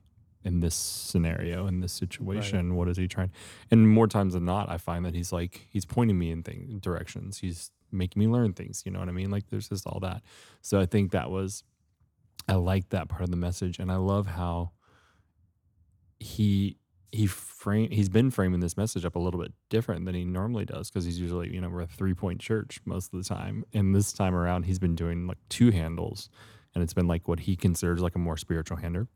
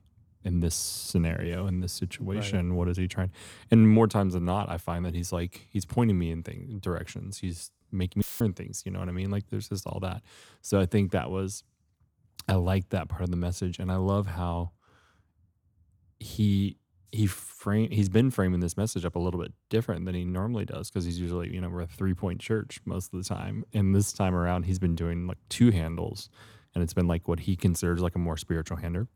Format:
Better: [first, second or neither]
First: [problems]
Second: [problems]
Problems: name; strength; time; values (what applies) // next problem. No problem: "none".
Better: first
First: none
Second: audio cutting out; filled with static; at 8 s